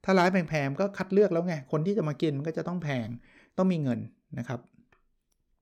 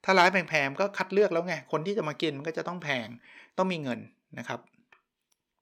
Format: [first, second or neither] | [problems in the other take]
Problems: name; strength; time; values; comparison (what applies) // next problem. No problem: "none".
first | thin; somewhat; fading below 1 kHz